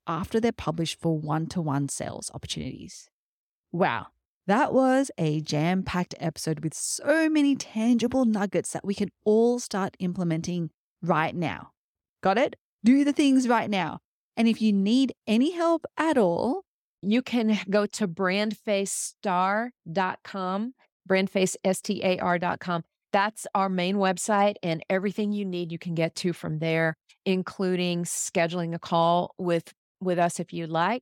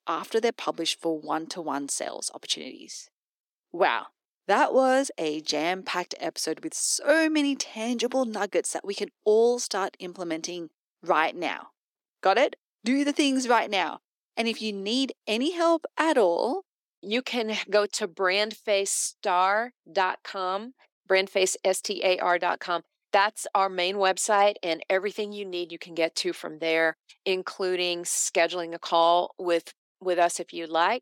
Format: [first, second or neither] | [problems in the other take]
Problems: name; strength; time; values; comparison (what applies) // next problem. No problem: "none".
first | thin; somewhat; fading below 300 Hz